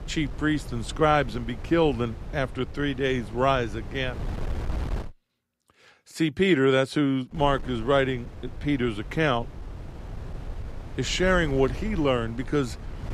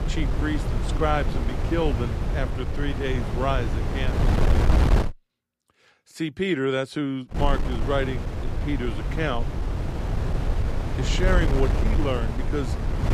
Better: first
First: wind noise on the microphone; occasional gusts; until 5 s and from 7.5 s on; 20 dB below the speech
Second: wind noise on the microphone; heavy; until 5 s and from 7.5 s on; 5 dB below the speech

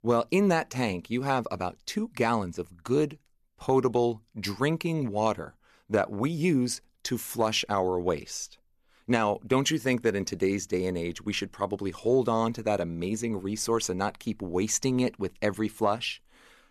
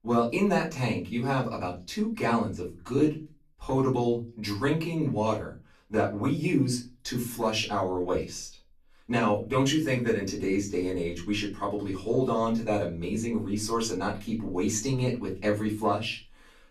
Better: first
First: none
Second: off-mic speech; far // room echo; slight; dies away in 0.3 s

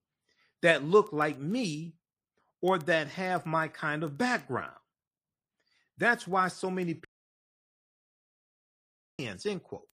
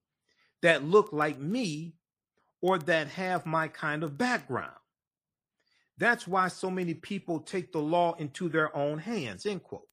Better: second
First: audio cutting out; at 7 s for 2 s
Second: none

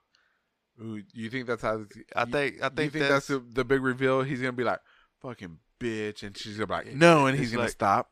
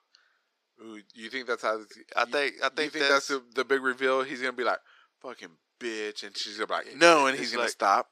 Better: first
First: none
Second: thin; somewhat; fading below 350 Hz

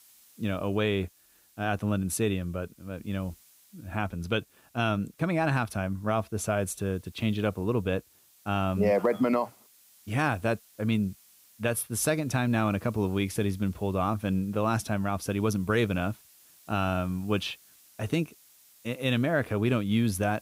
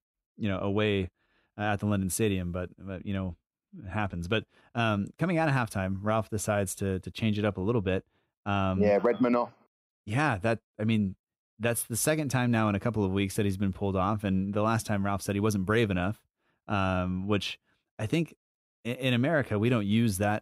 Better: second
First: hiss; faint; throughout; 25 dB below the speech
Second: none

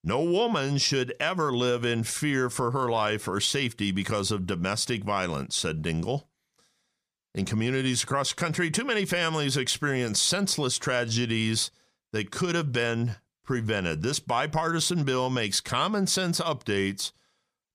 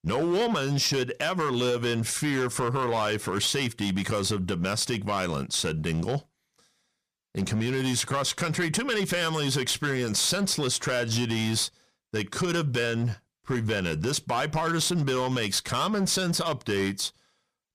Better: first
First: none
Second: distortion; slight; 10% of the sound clipped

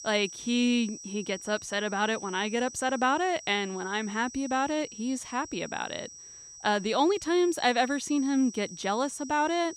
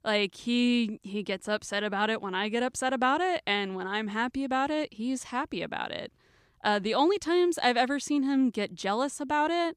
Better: second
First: high-pitched whine; noticeable; throughout; 6 kHz, 15 dB below the speech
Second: none

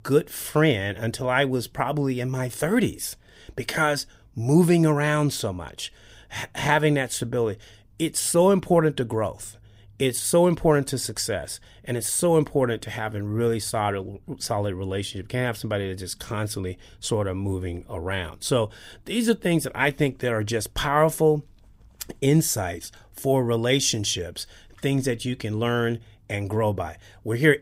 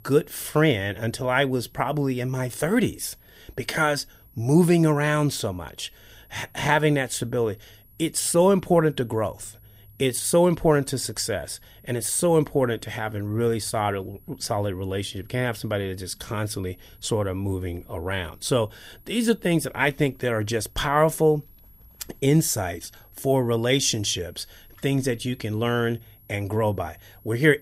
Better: first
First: none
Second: high-pitched whine; faint; throughout; 11.5 kHz, 30 dB below the speech

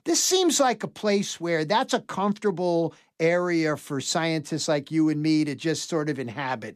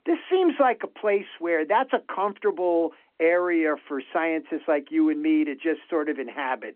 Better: first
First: none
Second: phone-call audio

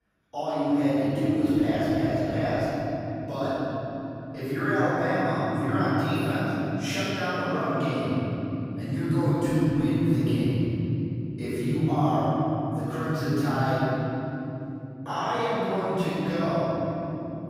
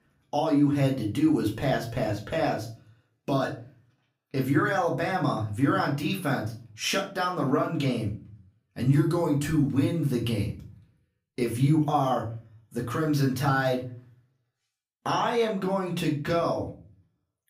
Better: second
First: room echo; strong; dies away in 3 s // off-mic speech; far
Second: room echo; slight; dies away in 0.4 s // off-mic speech; far

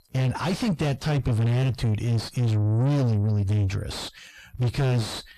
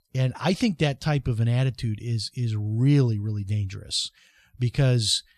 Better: second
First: distortion; heavy; 5 dB below the speech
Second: none

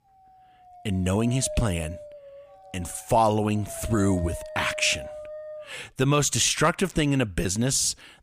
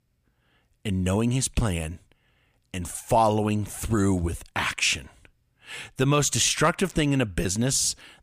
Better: second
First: dog barking; faint; from 0.5 to 6 s; peak 10 dB below the speech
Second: none

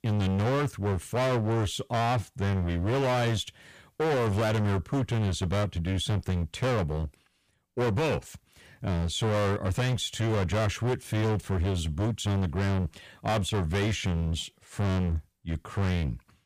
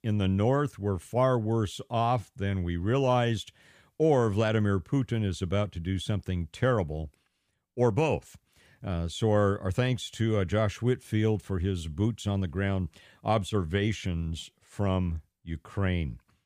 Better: second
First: distortion; heavy; 27% of the sound clipped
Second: none

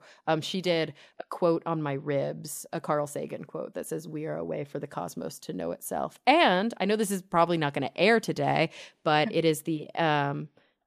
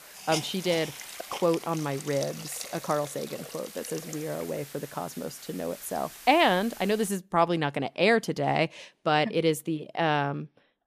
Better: first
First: none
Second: hiss; noticeable; until 7 s; 10 dB below the speech

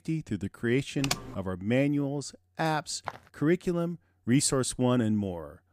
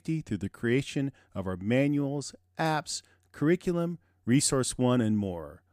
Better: second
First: keyboard typing; noticeable; at 1 s; peak 3 dB below the speech // footsteps; faint; at 3 s; peak 15 dB below the speech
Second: none

